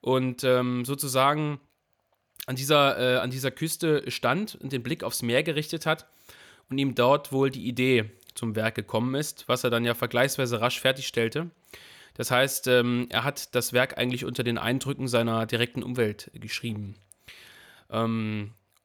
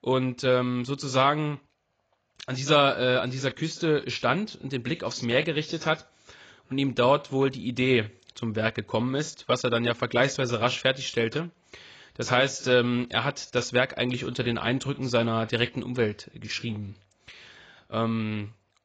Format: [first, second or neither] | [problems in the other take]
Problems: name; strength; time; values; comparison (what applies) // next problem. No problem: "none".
first | garbled, watery; badly; nothing above 7.5 kHz